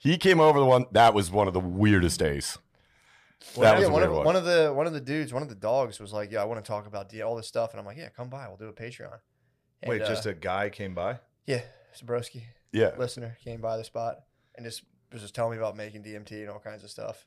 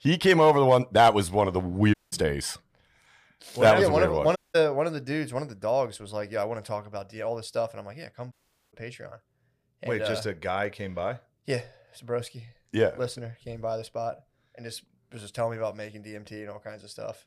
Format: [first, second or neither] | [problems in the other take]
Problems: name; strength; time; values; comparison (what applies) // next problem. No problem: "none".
first | audio cutting out; at 2 s, at 4.5 s and at 8.5 s